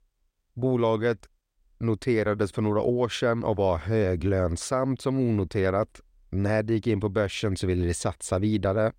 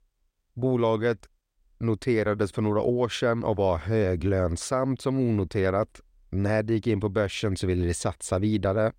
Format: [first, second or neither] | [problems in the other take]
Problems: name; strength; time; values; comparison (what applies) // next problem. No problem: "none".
neither | none